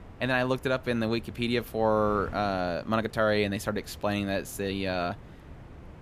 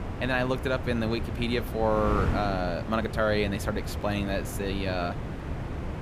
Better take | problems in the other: first | wind noise on the microphone; heavy; 10 dB below the speech; occasional gusts in the first

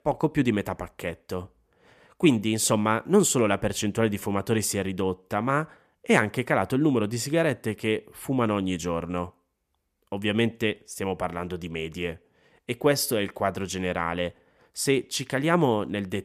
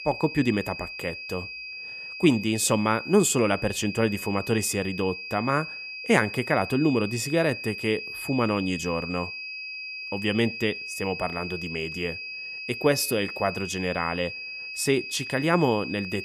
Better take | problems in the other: first | high-pitched whine; loud; throughout; 2.5 kHz, 8 dB below the speech

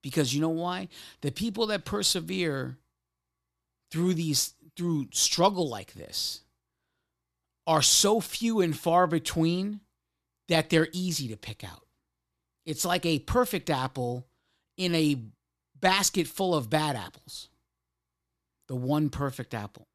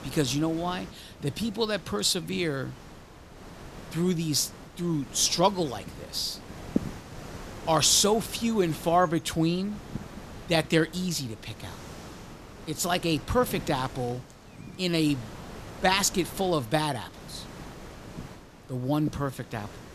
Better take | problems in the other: first | wind noise on the microphone; occasional gusts; 20 dB below the speech

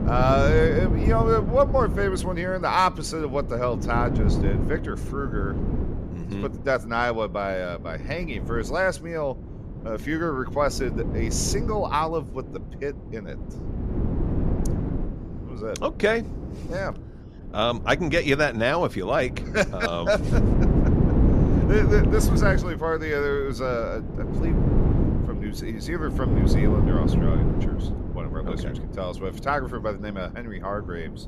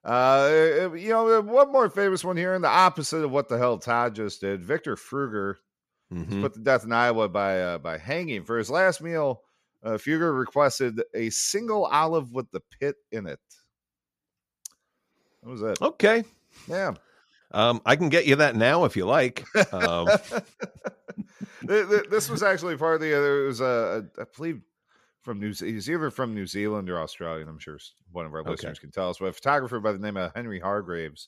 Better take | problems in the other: second | wind noise on the microphone; heavy; 9 dB below the speech

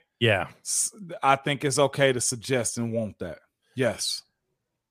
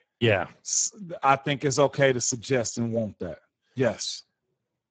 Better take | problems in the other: first | garbled, watery; badly; nothing above 7.5 kHz

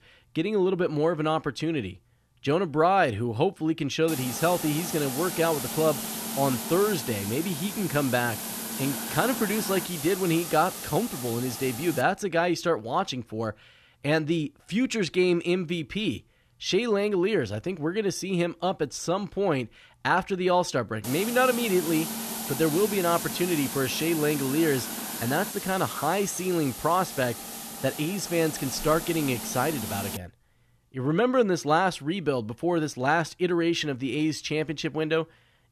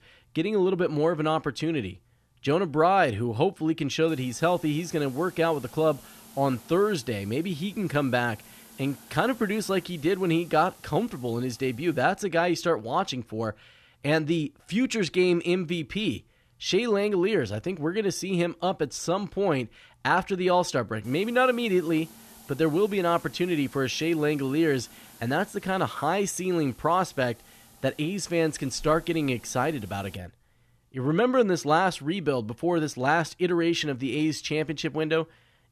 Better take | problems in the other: second | hiss; loud; from 4 to 12 s and from 21 to 30 s; 6 dB below the speech; faint in the second

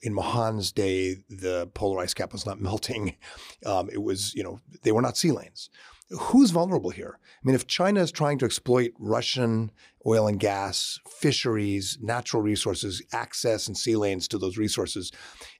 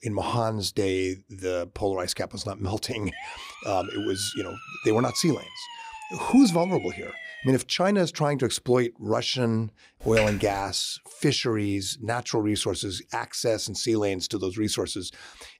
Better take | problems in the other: first | siren; noticeable; from 3 to 7.5 s; peak 10 dB below the speech // keyboard typing; noticeable; at 10 s; peak 3 dB below the speech

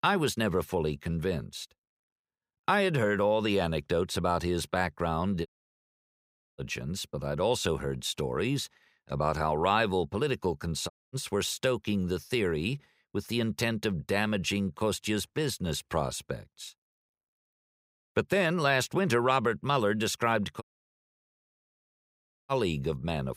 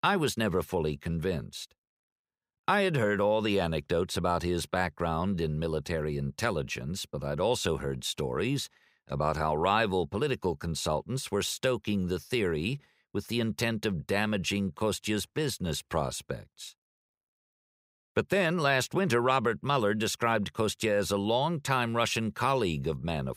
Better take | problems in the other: second | audio cutting out; at 5.5 s for 1 s, at 11 s and at 21 s for 2 s

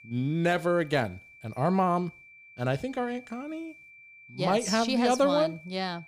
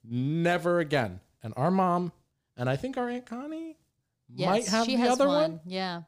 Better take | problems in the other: second | high-pitched whine; faint; throughout; 2.5 kHz, 20 dB below the speech

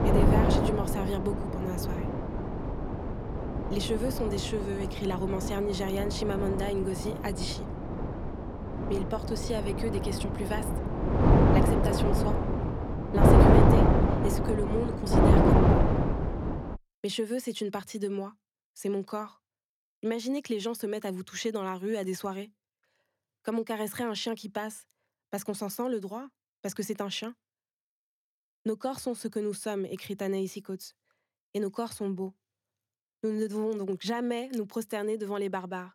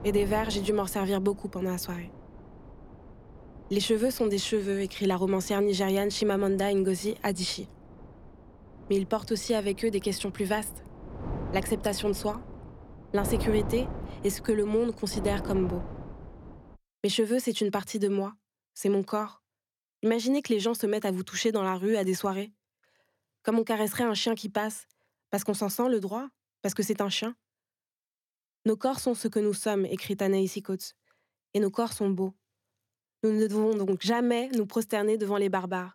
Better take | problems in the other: second | wind noise on the microphone; heavy; until 17 s; 4 dB above the speech; occasional gusts in the second

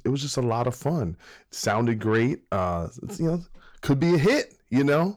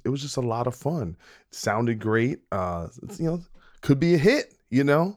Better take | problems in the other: second | distortion; slight; 10 dB below the speech

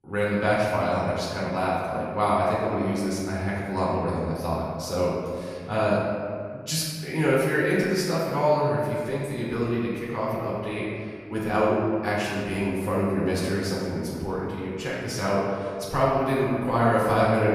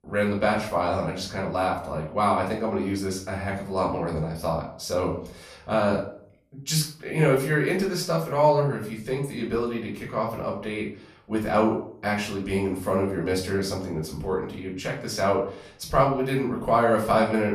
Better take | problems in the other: second | room echo; strong; dies away in 1.8 s; slight in the second // off-mic speech; far; far in the second

